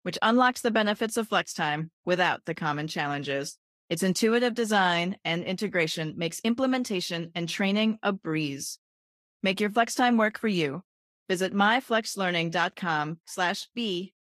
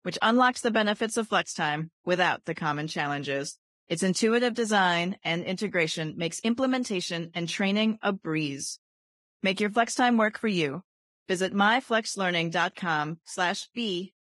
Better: first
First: garbled, watery; slightly; nothing above 14.5 kHz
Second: garbled, watery; badly; nothing above 10.5 kHz

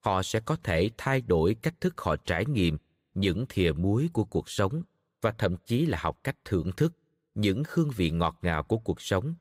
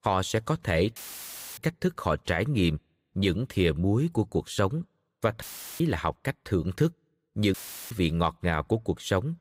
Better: first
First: none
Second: audio cutting out; filled with static; at 1 s for 0.5 s, at 5.5 s and at 7.5 s

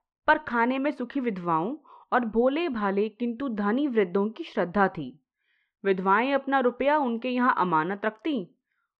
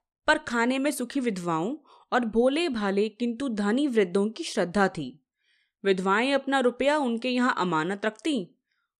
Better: second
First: muffled; very; fading above 2.5 kHz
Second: none

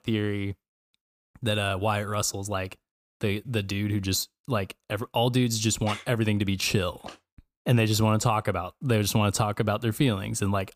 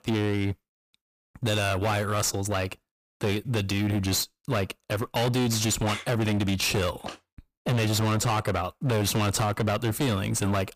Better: first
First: none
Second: distortion; heavy; 26% of the sound clipped

